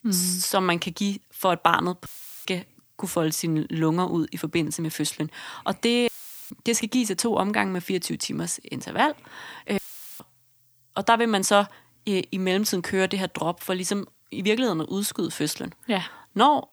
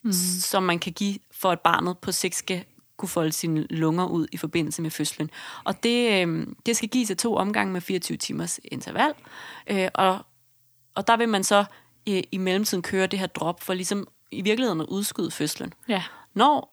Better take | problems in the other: second | audio cutting out; filled with static; at 2 s, at 6 s and at 10 s

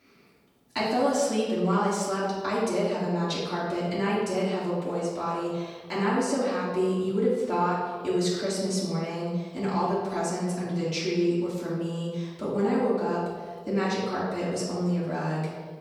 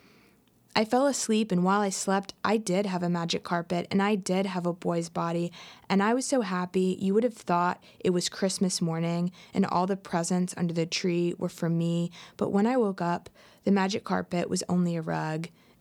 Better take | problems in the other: second | room echo; noticeable; dies away in 1.3 s // off-mic speech; far

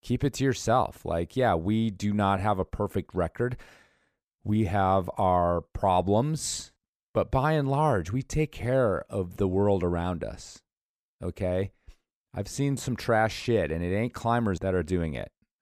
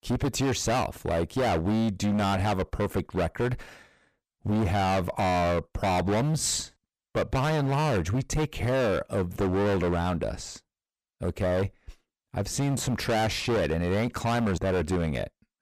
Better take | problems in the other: first | distortion; heavy; 22% of the sound clipped

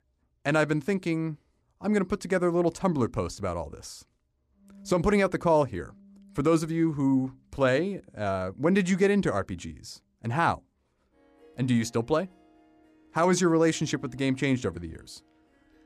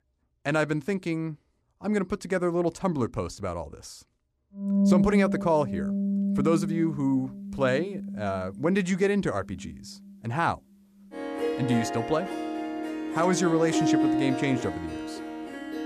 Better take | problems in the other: first | background music; loud; from 5 s on; 1 dB below the speech; faint in the first

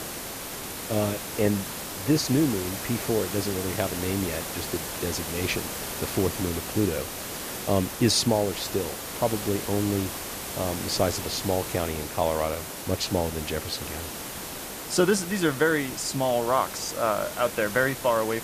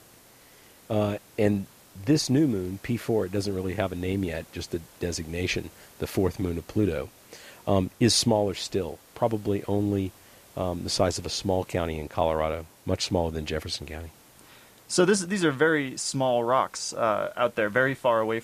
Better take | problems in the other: second | hiss; loud; throughout; 6 dB below the speech; faint in the second

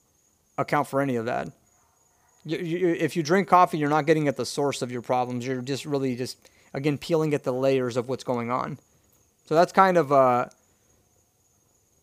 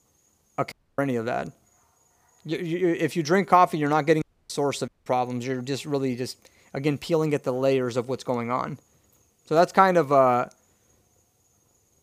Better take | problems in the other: first | audio cutting out; at 0.5 s, at 4 s and at 5 s

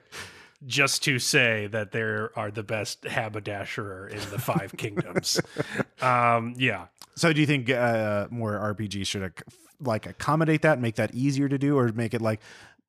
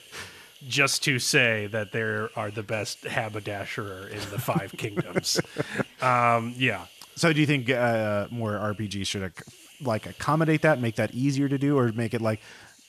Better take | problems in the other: first | hiss; faint; throughout; 25 dB below the speech

